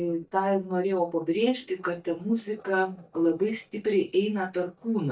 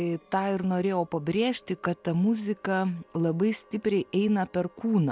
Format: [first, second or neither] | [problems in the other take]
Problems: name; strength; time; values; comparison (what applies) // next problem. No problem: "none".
second | noise reduction (neural mask model DeepFilterNet 3)